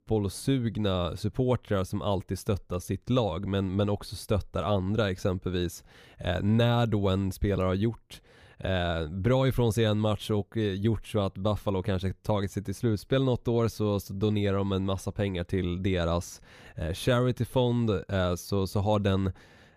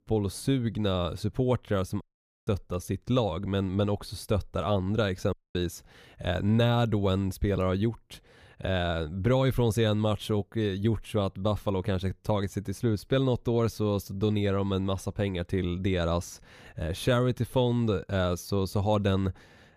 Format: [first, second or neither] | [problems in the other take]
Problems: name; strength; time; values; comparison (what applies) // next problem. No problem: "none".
first | audio cutting out; at 2 s and at 5.5 s